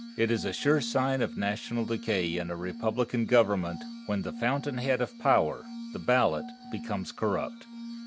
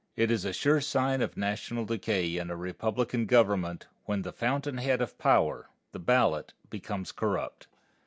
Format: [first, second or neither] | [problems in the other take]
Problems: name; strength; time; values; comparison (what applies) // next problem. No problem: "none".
second | background sound (Glass); 12 dB below the speech